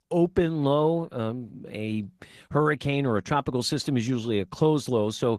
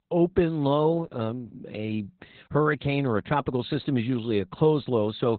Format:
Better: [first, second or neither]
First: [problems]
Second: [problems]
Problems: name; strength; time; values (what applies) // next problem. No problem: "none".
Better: first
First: garbled, watery; slightly; nothing above 11.5 kHz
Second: garbled, watery; badly; nothing above 4 kHz